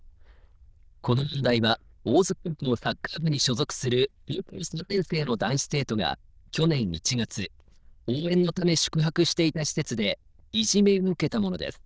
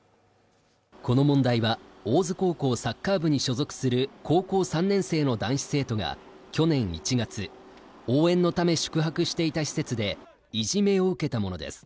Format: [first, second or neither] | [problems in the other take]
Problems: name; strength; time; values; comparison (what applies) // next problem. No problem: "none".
second | noise reduction (neural diffusion model UNIVERSE++)